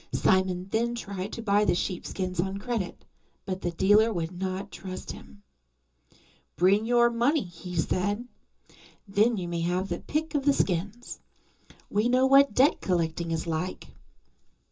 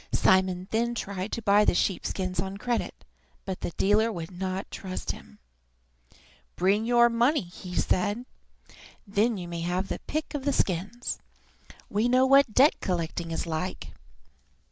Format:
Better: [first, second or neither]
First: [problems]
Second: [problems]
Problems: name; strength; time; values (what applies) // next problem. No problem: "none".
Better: second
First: room echo; dies away in 0.2 s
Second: none